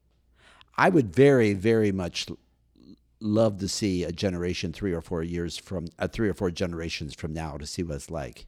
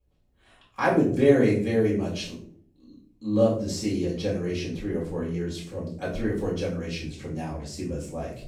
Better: first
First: none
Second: off-mic speech; far // room echo; noticeable; dies away in 0.5 s

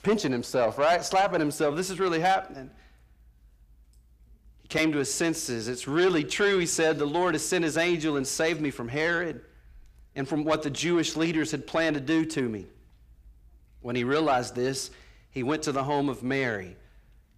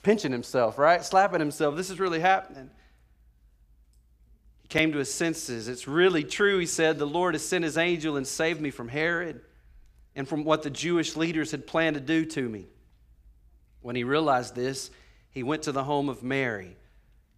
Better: second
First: distortion; slight; 10 dB below the speech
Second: none

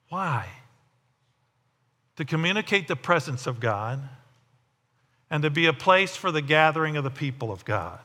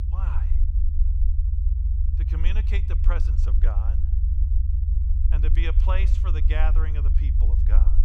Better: first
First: none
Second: low rumble; loud; throughout; 7 dB below the speech

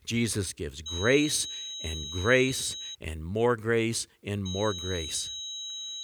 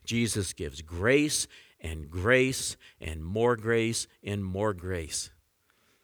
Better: second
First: high-pitched whine; loud; from 1 to 3 s and from 4.5 s on; 4 kHz, 7 dB below the speech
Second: none

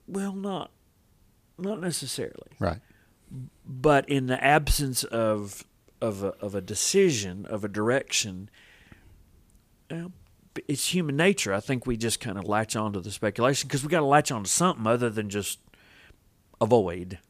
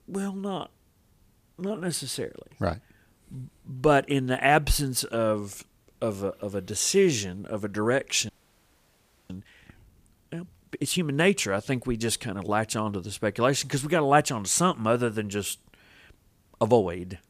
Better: first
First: none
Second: audio freezing; at 8.5 s for 1 s

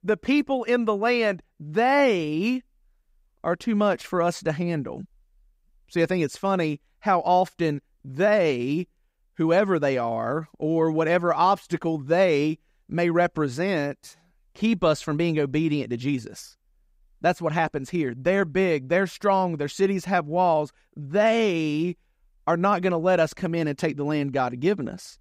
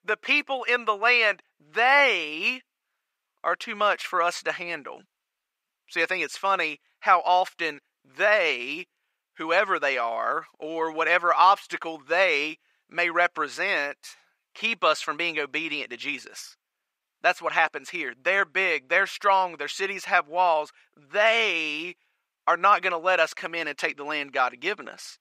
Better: first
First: none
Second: thin; very; fading below 600 Hz

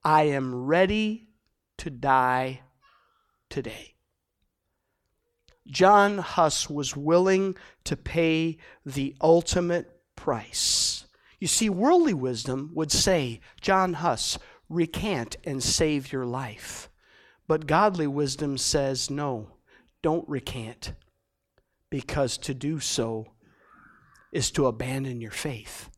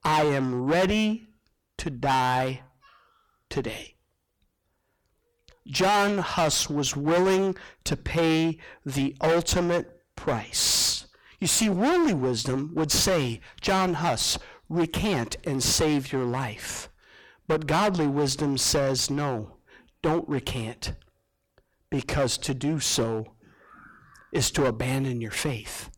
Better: first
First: none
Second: distortion; heavy; 12% of the sound clipped

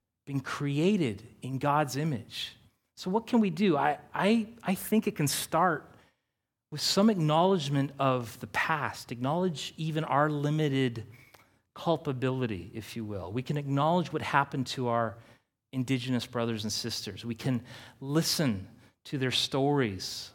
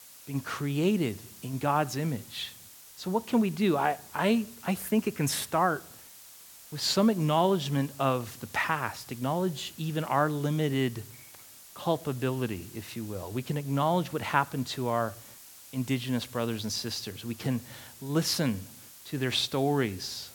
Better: first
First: none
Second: hiss; noticeable; throughout; 20 dB below the speech

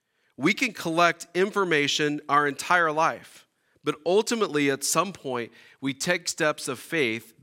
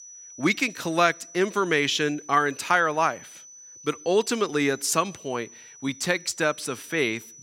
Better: first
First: none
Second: high-pitched whine; noticeable; throughout; 6 kHz, 20 dB below the speech

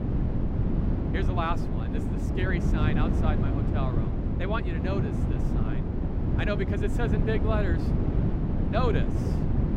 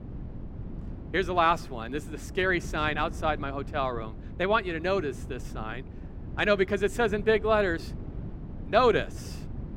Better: second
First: wind noise on the microphone; heavy; 3 dB below the speech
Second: wind noise on the microphone; occasional gusts; 20 dB below the speech

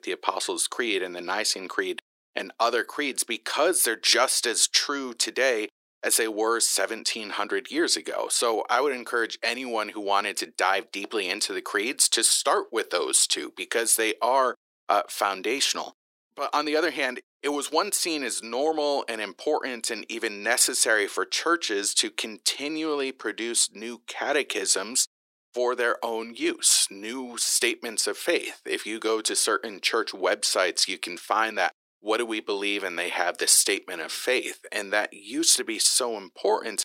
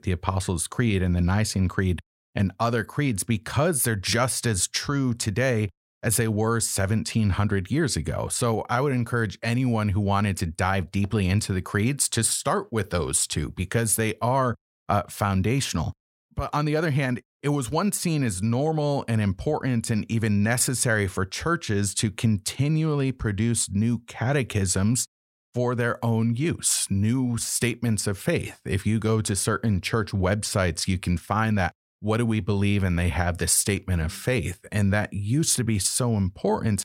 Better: second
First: thin; very; fading below 300 Hz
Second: none

